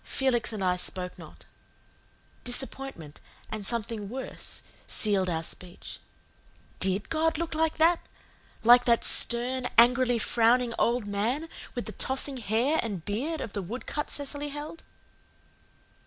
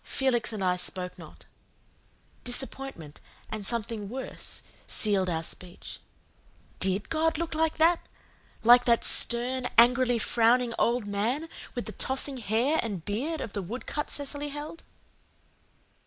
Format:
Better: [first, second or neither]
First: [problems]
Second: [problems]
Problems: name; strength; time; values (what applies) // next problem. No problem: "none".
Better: first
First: none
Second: noise reduction (neural mask model Resemble Enhance denoiser)